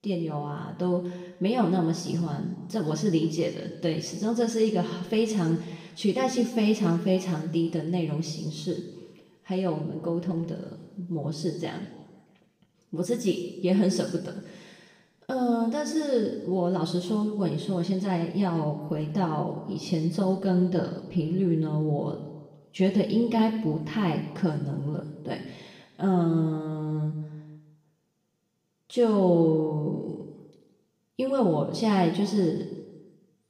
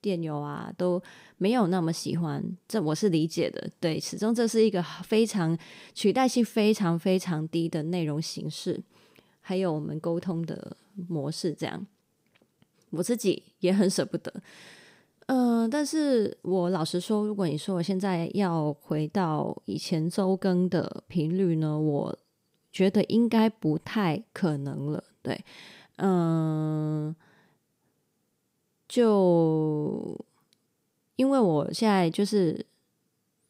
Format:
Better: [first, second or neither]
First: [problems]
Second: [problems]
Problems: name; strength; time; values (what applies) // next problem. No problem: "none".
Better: second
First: room echo; noticeable; dies away in 1.1 s // off-mic speech; far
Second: none